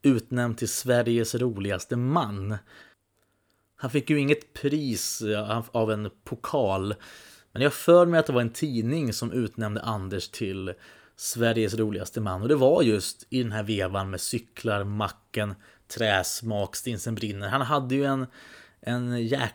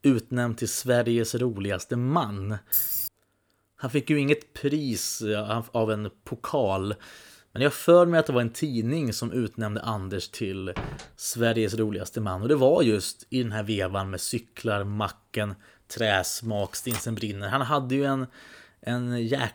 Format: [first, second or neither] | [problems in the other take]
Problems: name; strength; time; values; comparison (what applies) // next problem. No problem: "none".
first | jangling keys; loud; at 2.5 s; peak 4 dB above the speech // door banging; noticeable; at 11 s; peak 10 dB below the speech // keyboard typing; noticeable; at 17 s; peak 8 dB below the speech